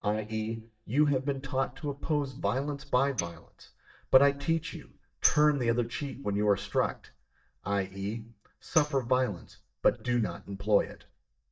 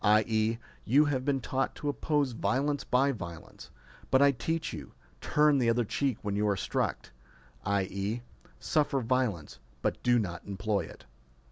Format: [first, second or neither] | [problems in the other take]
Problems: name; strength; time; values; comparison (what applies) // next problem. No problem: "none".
second | noise reduction (neural mask model DeepFilterNet 3)